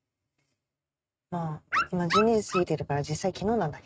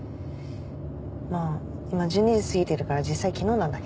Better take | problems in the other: second | noise reduction (neural mask model RNNoise)

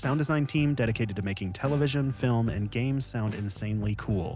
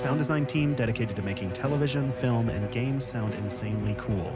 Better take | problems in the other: first | background sound (Bowed string instrument); 9 dB below the speech

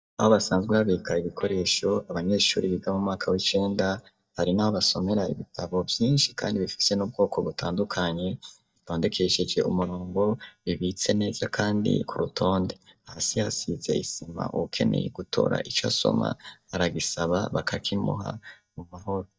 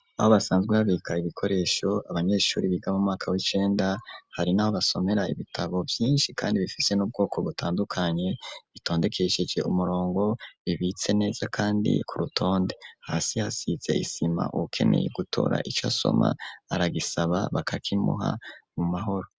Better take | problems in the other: second | noise reduction (neural mask model DeepFilterNet 3)

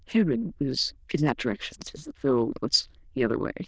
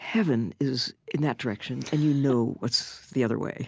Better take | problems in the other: second | noise reduction (neural diffusion model UNIVERSE++)

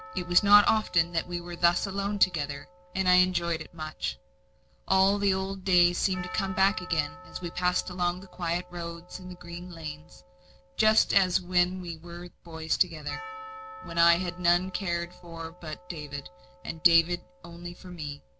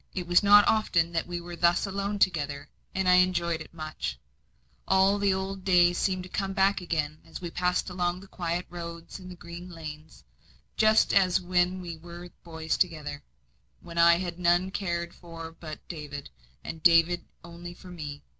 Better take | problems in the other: second | background sound (Percussion); 19 dB below the speech

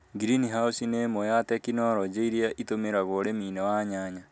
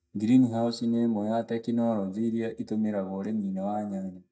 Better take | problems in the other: first | noise reduction (neural mask model DeepFilterNet 3)

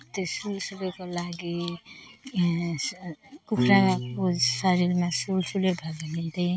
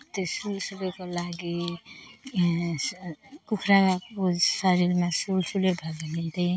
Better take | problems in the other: second | background sound (Piano); 9 dB below the speech

